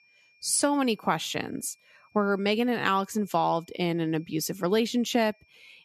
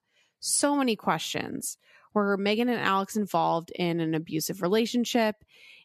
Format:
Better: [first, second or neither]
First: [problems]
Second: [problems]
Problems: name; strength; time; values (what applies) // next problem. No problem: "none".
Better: second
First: high-pitched whine; faint; throughout; 2.5 kHz, 35 dB below the speech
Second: none